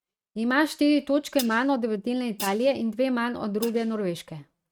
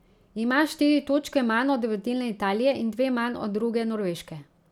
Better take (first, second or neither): second